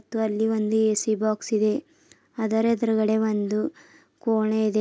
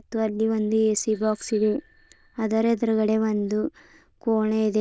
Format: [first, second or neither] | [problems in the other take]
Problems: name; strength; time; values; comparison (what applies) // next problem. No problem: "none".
first | noise reduction (neural diffusion model UNIVERSE++)